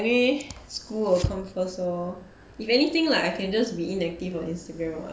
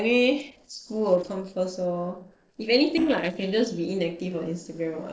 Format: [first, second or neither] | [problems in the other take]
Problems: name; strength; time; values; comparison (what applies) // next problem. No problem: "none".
first | noise reduction (neural separator model SepFormer DNS4)